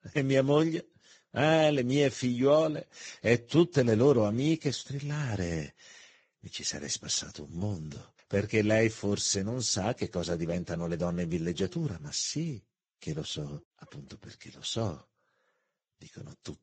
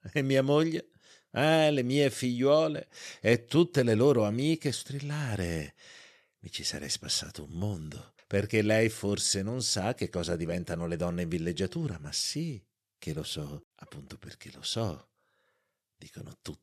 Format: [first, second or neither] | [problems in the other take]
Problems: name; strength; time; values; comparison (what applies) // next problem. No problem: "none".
second | garbled, watery; badly; nothing above 8 kHz